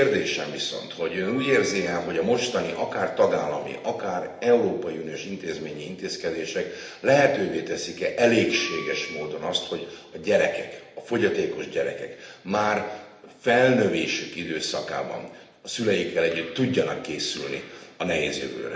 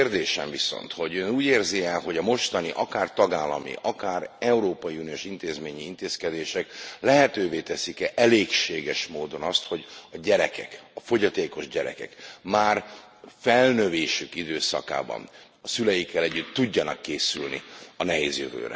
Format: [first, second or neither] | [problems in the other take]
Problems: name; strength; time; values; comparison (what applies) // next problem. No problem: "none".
second | background sound (Wind instrument, woodwind instrument); 15 dB below the speech // room echo; dies away in 0.8 s